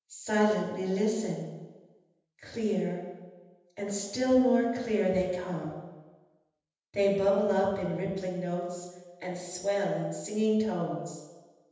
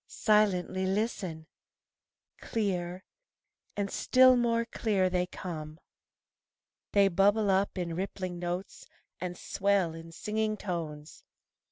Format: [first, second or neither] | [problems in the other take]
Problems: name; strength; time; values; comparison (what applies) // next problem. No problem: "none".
second | room echo; dies away in 1.1 s